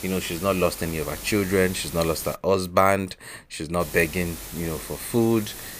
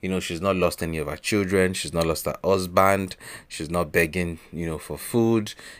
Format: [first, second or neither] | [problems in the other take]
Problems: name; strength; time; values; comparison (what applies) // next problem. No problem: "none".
second | hiss; noticeable; until 2.5 s and from 4 s on; 10 dB below the speech